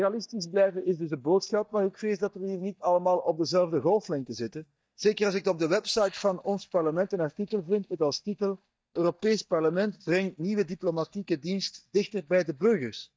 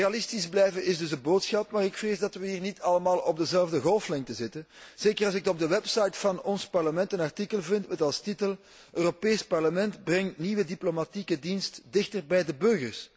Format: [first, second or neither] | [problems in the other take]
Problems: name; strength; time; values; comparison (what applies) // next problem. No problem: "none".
second | noise reduction (neural mask model DeepFilterNet 3)